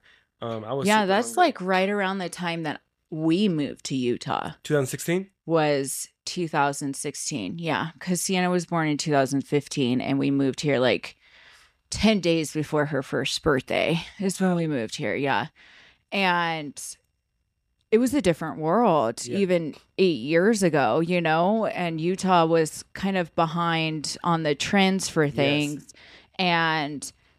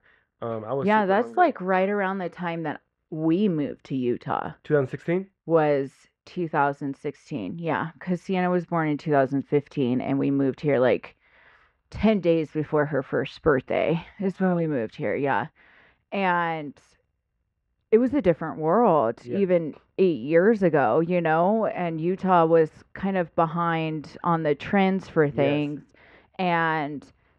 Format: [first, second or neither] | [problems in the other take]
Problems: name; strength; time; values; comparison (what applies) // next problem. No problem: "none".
first | muffled; very; fading above 1.5 kHz